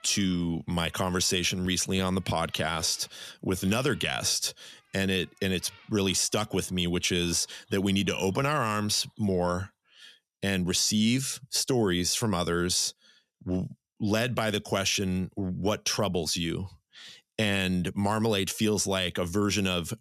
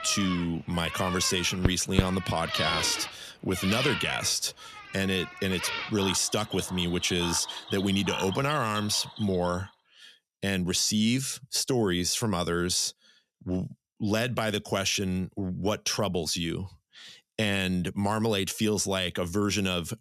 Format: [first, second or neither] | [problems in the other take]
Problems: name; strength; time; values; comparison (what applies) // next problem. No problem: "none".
first | animal sounds; loud; until 9.5 s; 7 dB below the speech; faint in the first